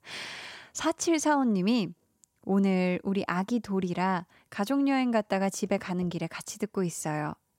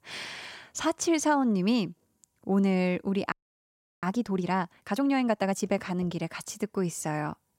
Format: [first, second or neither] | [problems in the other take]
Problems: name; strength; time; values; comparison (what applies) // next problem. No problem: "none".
first | audio freezing; at 3.5 s for 0.5 s